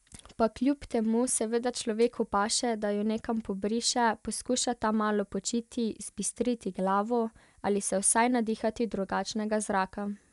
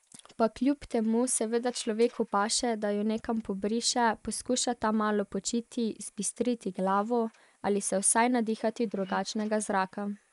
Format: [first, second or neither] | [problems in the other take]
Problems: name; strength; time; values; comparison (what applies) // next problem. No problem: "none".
first | noise reduction (neural mask model Resemble Enhance denoiser)